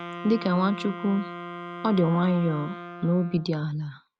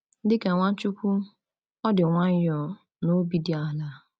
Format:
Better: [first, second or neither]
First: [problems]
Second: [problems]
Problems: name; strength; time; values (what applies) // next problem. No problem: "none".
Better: second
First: background sound (Wind instrument, woodwind instrument); 12 dB below the speech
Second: none